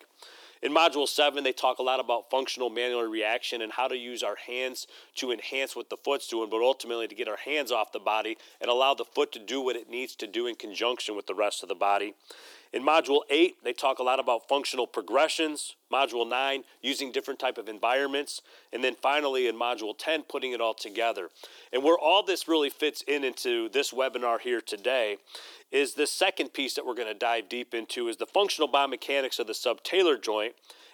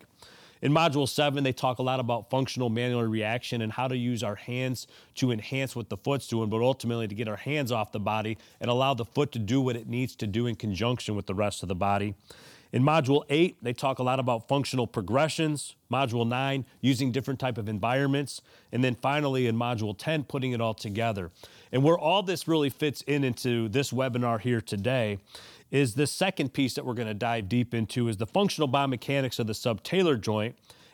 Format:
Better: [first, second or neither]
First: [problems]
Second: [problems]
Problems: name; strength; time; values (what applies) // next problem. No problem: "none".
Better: second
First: thin; very; fading below 350 Hz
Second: none